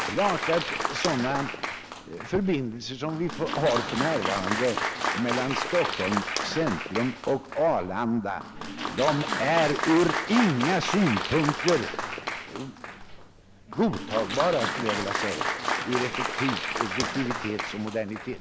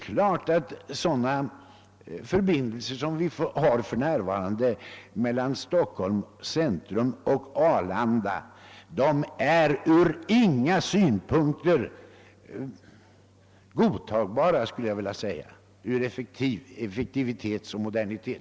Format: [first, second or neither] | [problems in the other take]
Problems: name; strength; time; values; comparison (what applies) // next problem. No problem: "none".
second | background sound (Applause); 3 dB below the speech